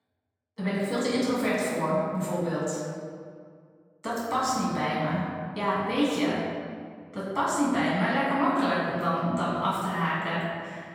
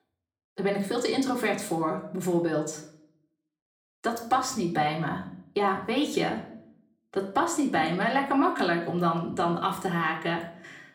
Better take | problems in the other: second | room echo; strong; dies away in 1.7 s; slight in the second // off-mic speech; far; far in the second

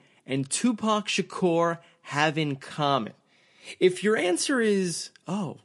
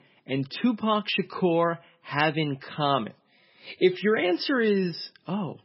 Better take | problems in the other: first | garbled, watery; badly; nothing above 5.5 kHz; slightly in the first

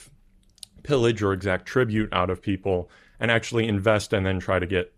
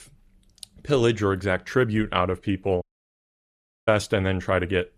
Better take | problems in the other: first | audio cutting out; at 3 s for 1 s

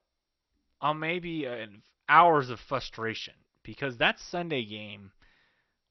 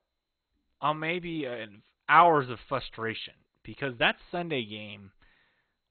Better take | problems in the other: first | garbled, watery; badly; nothing above 3.5 kHz; slightly in the first

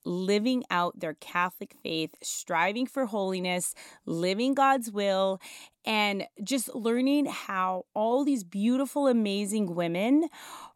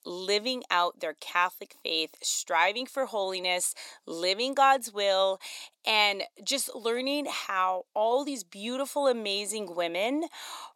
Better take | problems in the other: first | thin; somewhat; fading below 550 Hz

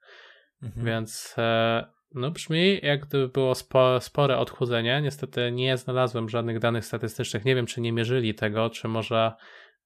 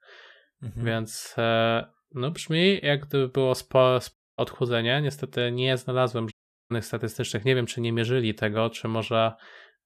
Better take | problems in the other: first | audio cutting out; at 4 s and at 6.5 s

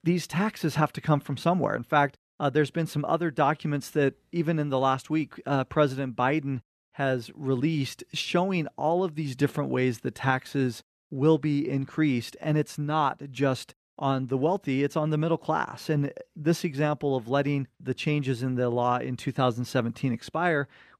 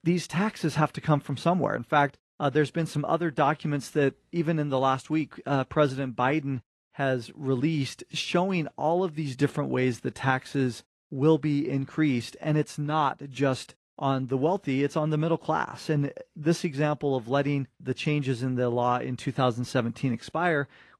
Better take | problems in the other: first | garbled, watery; slightly; nothing above 11.5 kHz

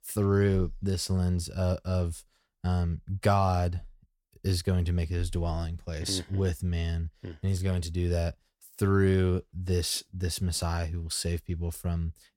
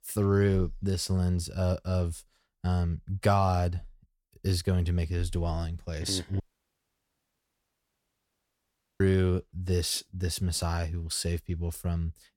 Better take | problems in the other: first | audio cutting out; at 6.5 s for 2.5 s

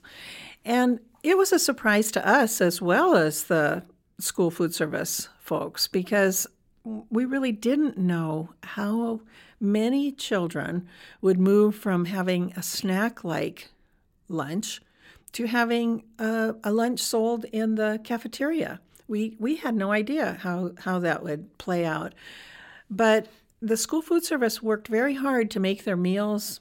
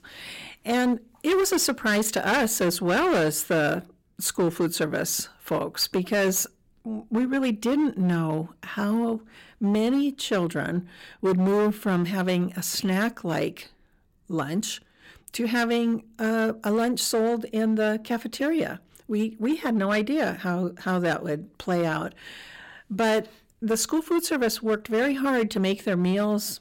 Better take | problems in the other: first | distortion; slight; 10% of the sound clipped

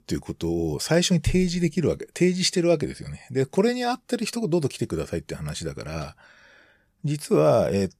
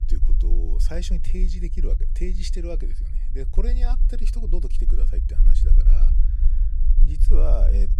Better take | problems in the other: first | low rumble; loud; throughout; 9 dB below the speech

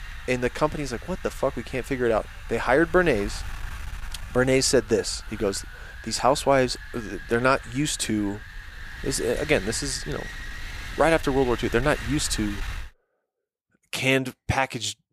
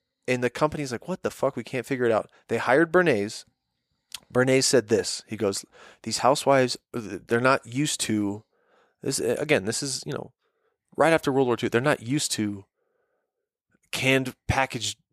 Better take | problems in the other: second | wind noise on the microphone; occasional gusts; until 13 s; 15 dB below the speech

